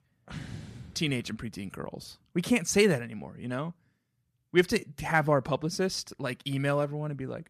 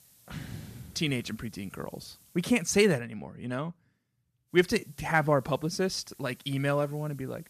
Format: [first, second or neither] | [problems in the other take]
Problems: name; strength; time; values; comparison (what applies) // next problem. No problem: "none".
first | hiss; faint; until 3 s and from 4.5 s on; 25 dB below the speech